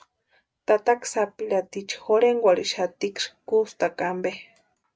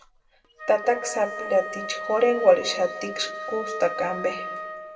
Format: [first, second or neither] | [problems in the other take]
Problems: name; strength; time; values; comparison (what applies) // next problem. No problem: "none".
first | background sound (Wind instrument, woodwind instrument); 9 dB below the speech // room echo; dies away in 1.2 s